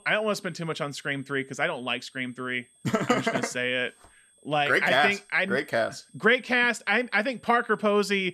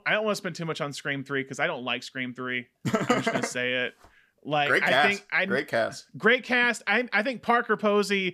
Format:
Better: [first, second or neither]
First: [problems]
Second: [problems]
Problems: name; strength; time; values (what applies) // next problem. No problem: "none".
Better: second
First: high-pitched whine; faint; throughout; 8.5 kHz, 30 dB below the speech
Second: none